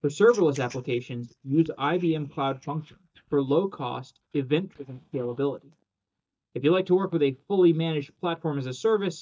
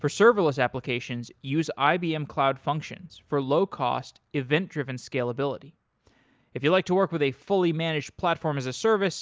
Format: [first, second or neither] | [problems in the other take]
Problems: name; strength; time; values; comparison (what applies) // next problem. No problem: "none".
second | noise reduction (neural mask model DeepFilterNet 3)